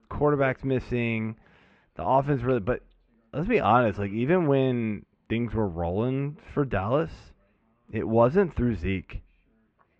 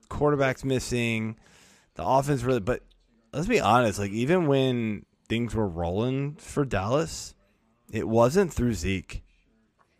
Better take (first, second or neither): second